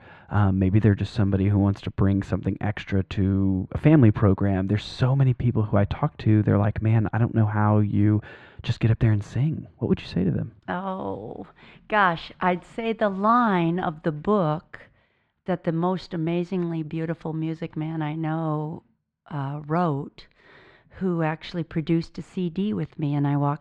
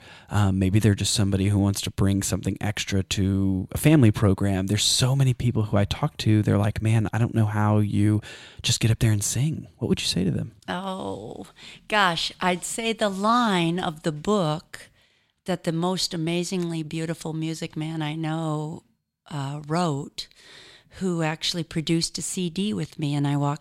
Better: second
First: muffled; very; fading above 1.5 kHz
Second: none

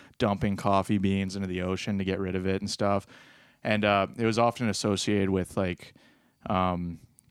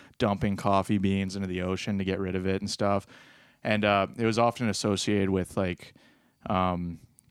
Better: neither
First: none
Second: none

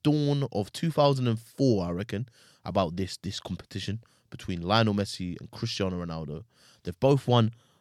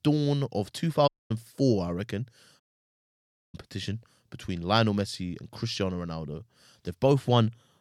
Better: first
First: none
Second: audio cutting out; at 1 s and at 2.5 s for 1 s

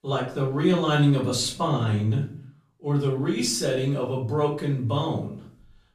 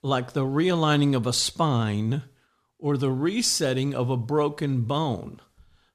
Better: second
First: off-mic speech; far // room echo; slight; dies away in 0.4 s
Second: none

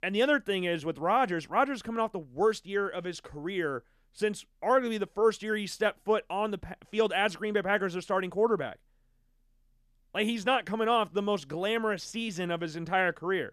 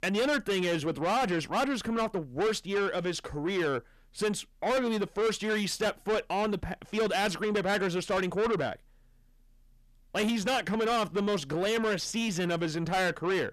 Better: first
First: none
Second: distortion; heavy; 6 dB below the speech

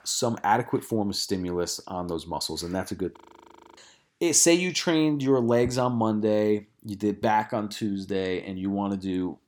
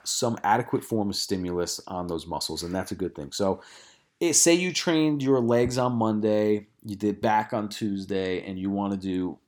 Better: second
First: audio freezing; at 3 s for 0.5 s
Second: none

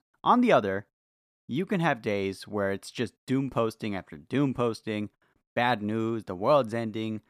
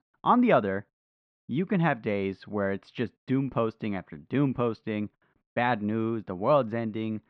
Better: first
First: none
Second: muffled; slightly; fading above 3 kHz

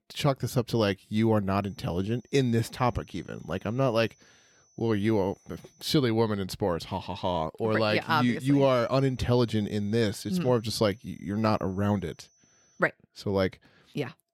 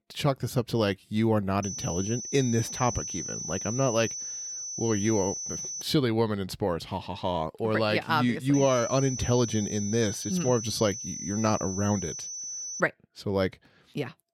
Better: first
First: high-pitched whine; faint; from 1.5 to 6 s and from 8.5 to 13 s; 6 kHz, 35 dB below the speech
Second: high-pitched whine; loud; from 1.5 to 6 s and from 8.5 to 13 s; 6 kHz, 6 dB below the speech

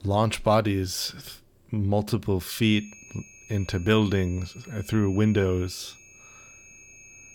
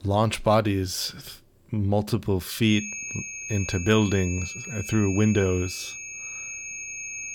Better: first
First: high-pitched whine; faint; from 2.5 s on; 2.5 kHz, 20 dB below the speech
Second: high-pitched whine; loud; from 2.5 s on; 2.5 kHz, 8 dB below the speech

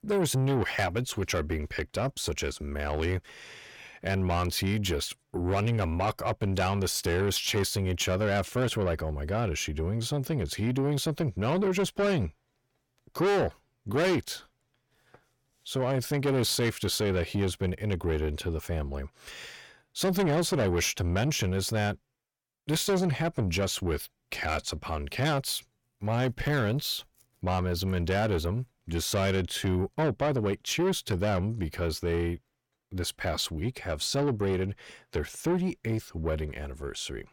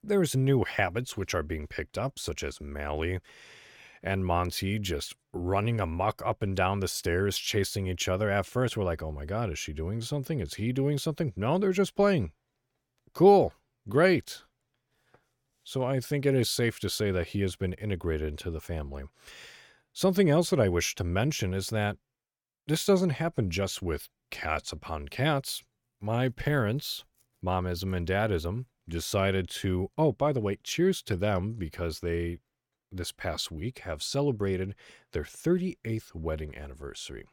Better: second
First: distortion; heavy; 7 dB below the speech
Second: none

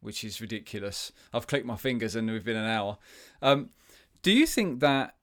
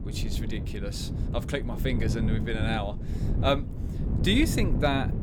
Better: first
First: none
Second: wind noise on the microphone; heavy; 10 dB below the speech

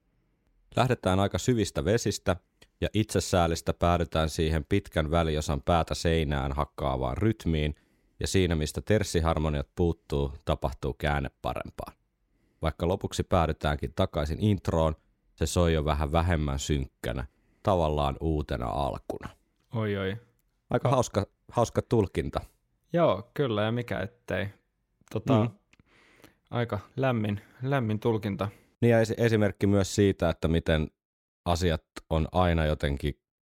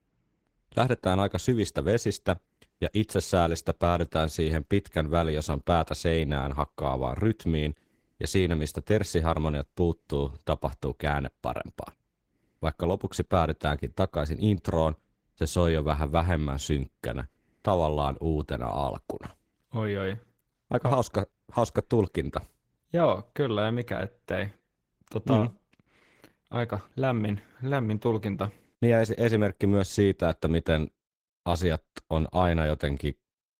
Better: first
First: none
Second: garbled, watery; slightly; nothing above 16 kHz

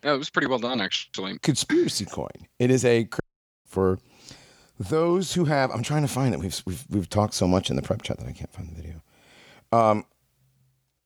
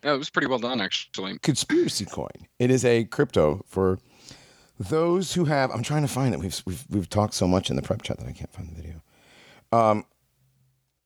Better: second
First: audio cutting out; at 3 s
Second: none

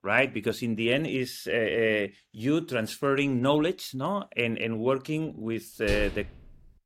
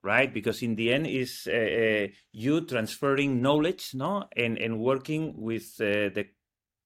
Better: second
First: door banging; noticeable; at 6 s; peak 7 dB below the speech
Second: none

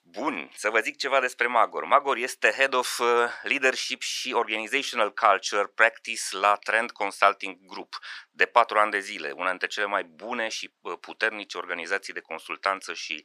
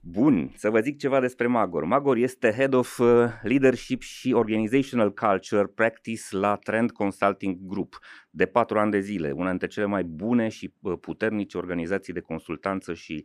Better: second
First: thin; very; fading below 900 Hz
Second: none

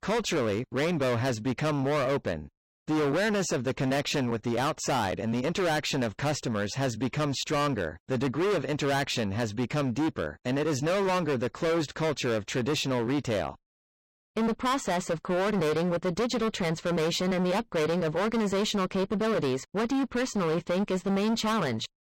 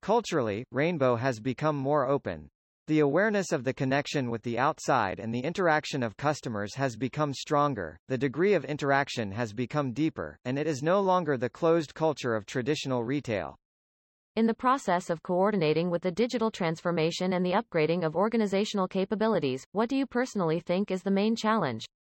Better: second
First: distortion; heavy; 26% of the sound clipped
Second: none

